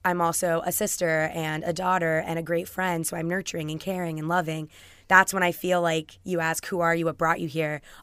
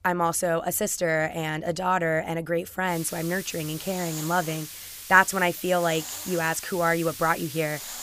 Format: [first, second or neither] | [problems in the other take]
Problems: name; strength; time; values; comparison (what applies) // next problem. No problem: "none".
first | hiss; noticeable; from 3 s on; 10 dB below the speech